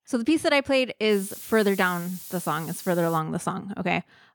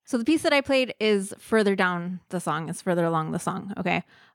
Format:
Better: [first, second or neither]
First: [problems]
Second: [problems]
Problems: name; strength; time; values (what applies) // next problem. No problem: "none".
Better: second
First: hiss; noticeable; from 1 to 3 s; 15 dB below the speech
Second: none